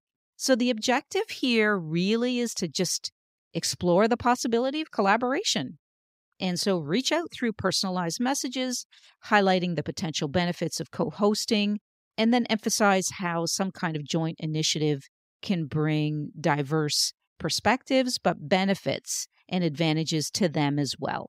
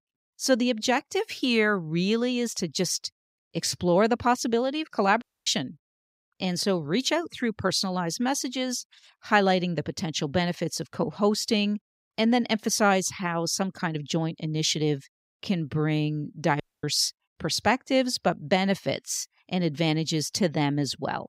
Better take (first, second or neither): first